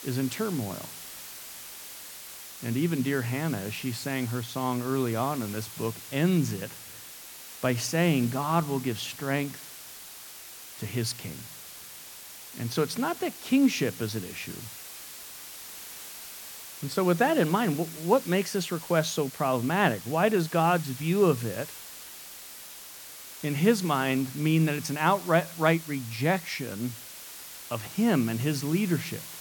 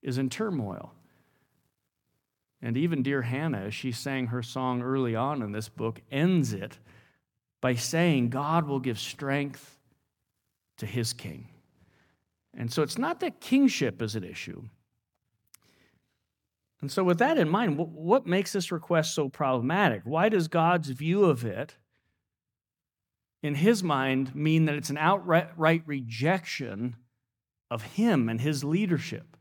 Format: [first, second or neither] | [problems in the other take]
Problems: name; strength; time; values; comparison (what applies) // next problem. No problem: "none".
second | hiss; noticeable; throughout; 15 dB below the speech